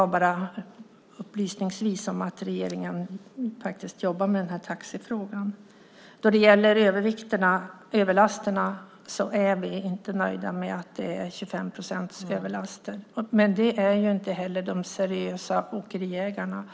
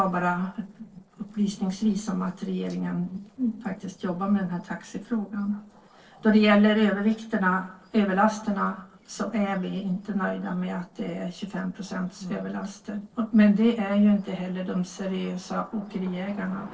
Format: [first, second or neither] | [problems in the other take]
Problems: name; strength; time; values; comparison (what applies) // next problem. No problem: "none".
first | noise reduction (neural separator model SepFormer DNS4)